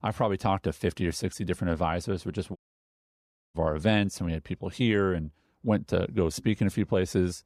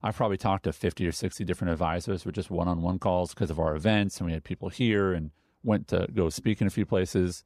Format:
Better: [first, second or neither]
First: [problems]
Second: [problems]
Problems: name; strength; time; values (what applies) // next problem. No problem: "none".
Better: second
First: audio cutting out; at 2.5 s for 1 s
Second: none